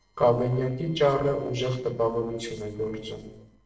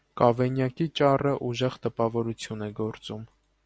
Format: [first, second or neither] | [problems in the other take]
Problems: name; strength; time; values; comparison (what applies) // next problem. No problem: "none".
second | noise reduction (neural separator model SepFormer DNS4)